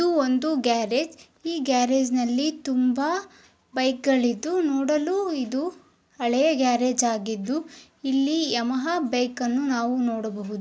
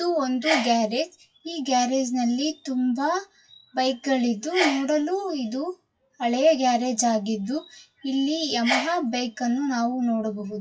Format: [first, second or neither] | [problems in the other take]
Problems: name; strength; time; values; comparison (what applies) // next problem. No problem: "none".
first | noise reduction (classical method WPE with log-MMSE)